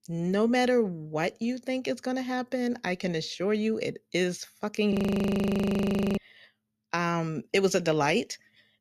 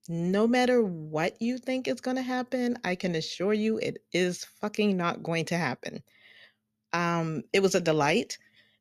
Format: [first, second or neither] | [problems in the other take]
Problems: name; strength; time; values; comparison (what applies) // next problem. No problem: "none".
second | audio freezing; at 5 s for 1 s